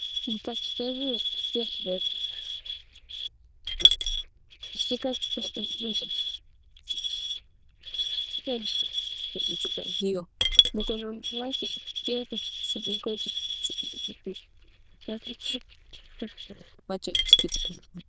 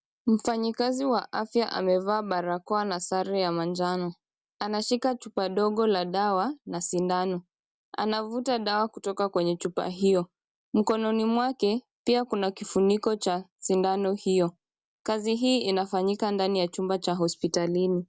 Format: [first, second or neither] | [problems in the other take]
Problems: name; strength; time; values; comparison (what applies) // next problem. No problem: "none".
second | noise reduction (neural diffusion model UNIVERSE++)